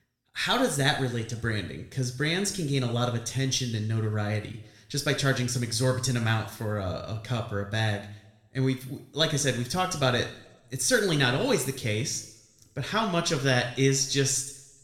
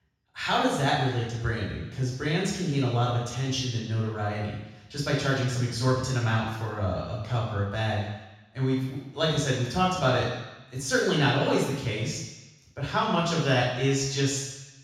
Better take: first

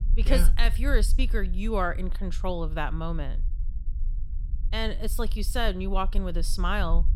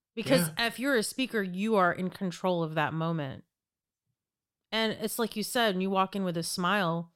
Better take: second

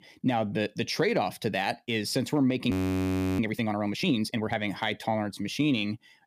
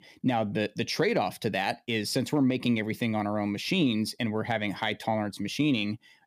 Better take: second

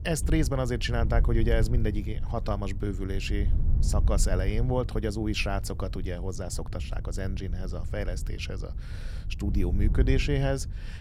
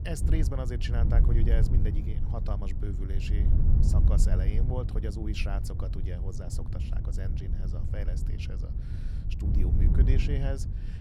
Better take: first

